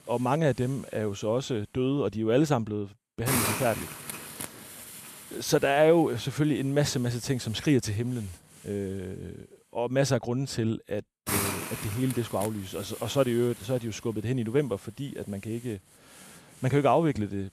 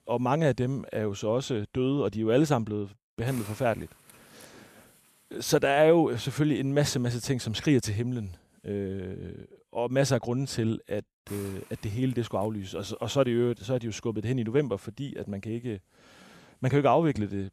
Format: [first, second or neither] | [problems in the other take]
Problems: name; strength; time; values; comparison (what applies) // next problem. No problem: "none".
second | hiss; loud; throughout; 7 dB below the speech; faint in the second